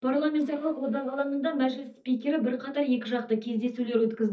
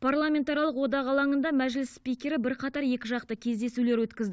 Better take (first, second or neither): second